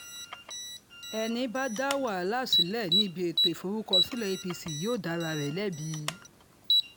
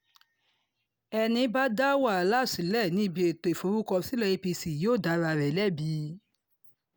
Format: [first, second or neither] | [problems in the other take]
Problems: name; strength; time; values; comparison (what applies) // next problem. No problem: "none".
second | background sound (Alarm); 1 dB above the speech